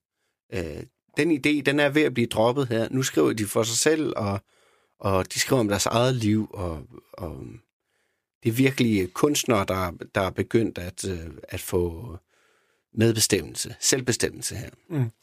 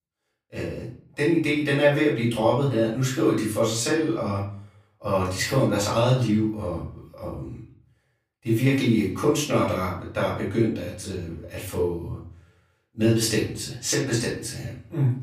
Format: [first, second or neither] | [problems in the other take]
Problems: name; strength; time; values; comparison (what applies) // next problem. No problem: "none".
first | off-mic speech; far // room echo; noticeable; dies away in 0.5 s